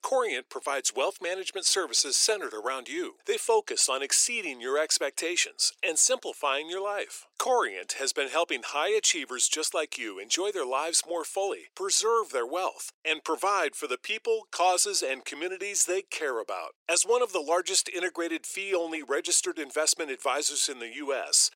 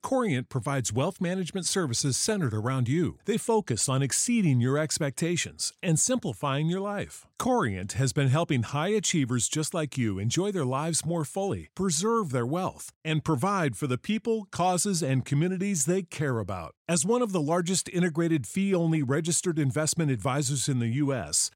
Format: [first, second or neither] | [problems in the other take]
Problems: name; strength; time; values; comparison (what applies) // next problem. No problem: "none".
second | thin; very; fading below 400 Hz